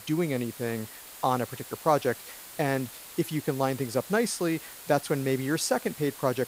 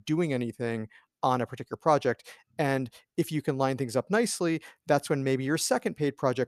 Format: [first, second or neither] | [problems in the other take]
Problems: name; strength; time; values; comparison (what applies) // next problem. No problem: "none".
second | hiss; noticeable; throughout; 15 dB below the speech